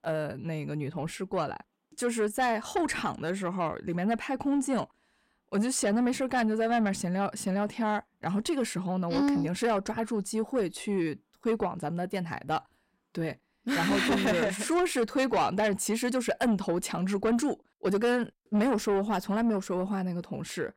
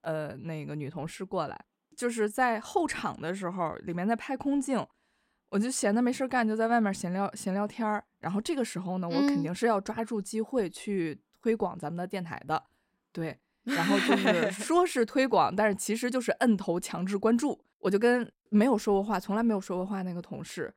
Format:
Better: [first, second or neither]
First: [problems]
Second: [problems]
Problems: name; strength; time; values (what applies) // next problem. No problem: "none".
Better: second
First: distortion; slight; 10 dB below the speech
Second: none